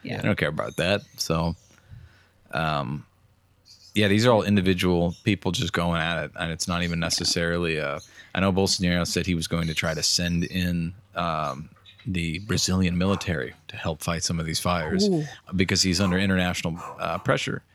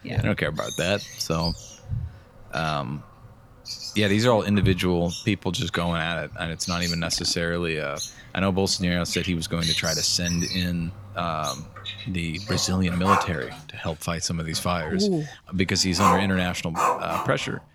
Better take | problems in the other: first | animal sounds; loud; throughout; 4 dB below the speech; faint in the first

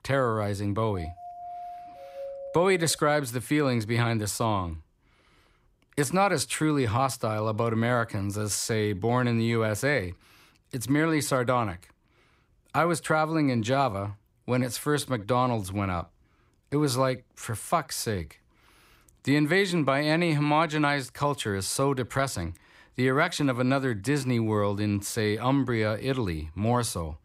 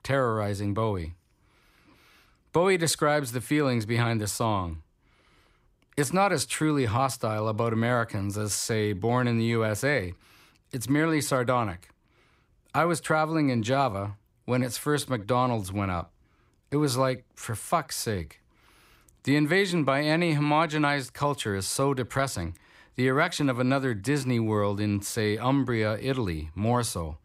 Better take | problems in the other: second | doorbell; faint; from 1 to 3 s; peak 10 dB below the speech

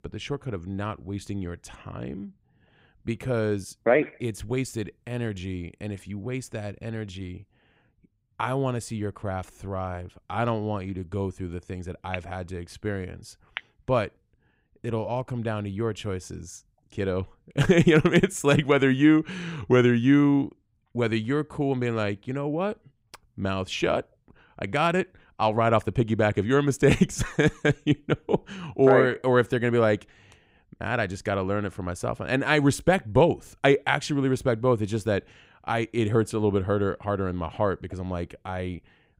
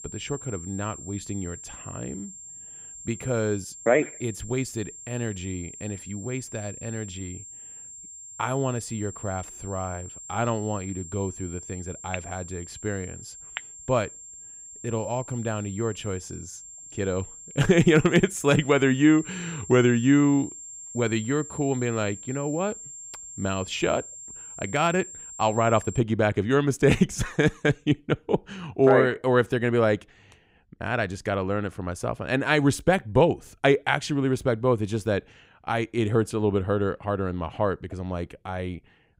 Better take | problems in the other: first | high-pitched whine; noticeable; until 26 s; 7.5 kHz, 15 dB below the speech

